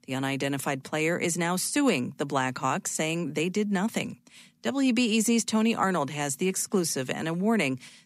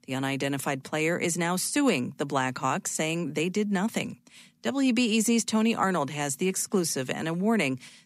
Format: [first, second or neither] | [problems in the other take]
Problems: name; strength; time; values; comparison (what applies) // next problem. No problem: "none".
neither | none